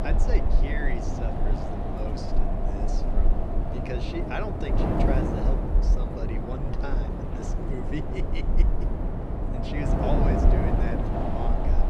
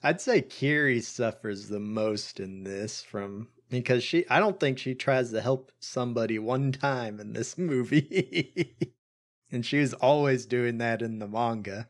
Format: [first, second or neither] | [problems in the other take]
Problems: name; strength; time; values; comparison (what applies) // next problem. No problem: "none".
second | wind noise on the microphone; heavy; 4 dB above the speech